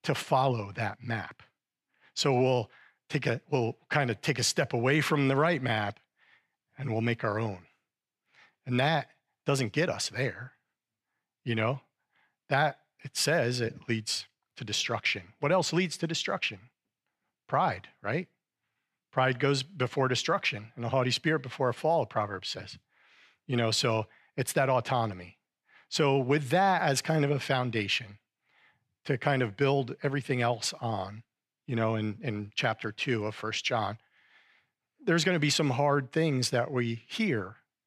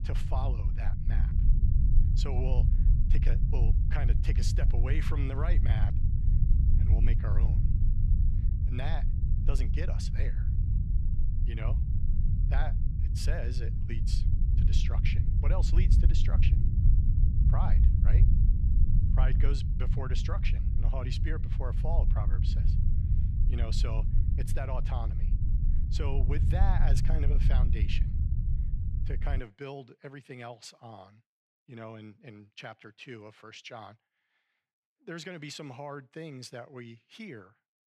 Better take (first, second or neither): first